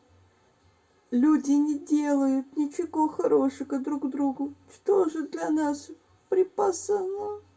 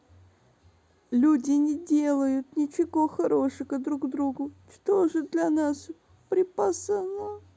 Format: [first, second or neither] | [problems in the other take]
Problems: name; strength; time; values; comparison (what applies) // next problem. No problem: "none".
second | room echo; dies away in 0.2 s